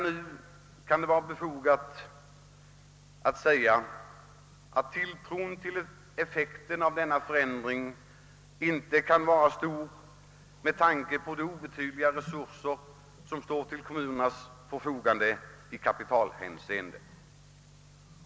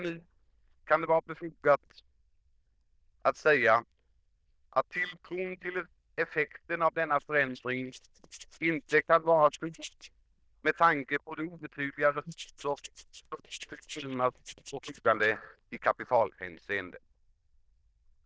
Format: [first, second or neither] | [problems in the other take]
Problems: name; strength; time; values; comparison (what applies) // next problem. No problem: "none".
first | noise reduction (neural diffusion model UNIVERSE++)